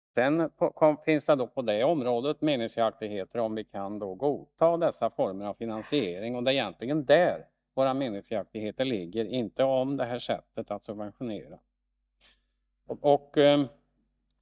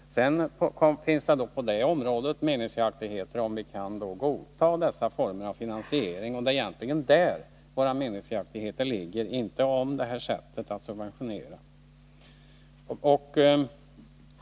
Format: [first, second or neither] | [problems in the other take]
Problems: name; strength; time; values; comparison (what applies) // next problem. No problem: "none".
second | noise reduction (neural mask model DeepFilterNet 3)